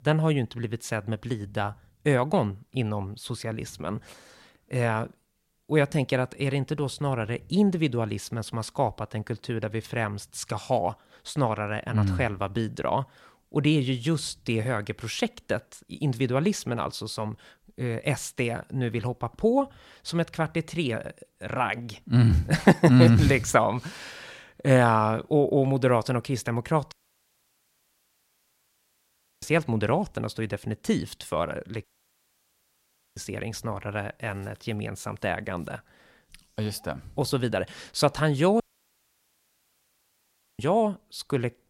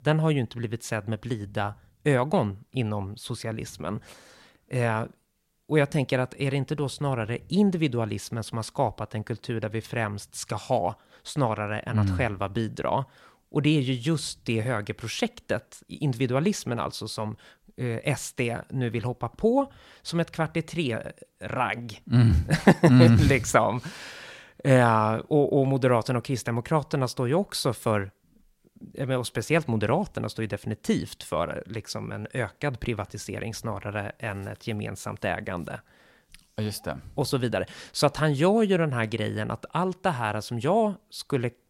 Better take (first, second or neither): second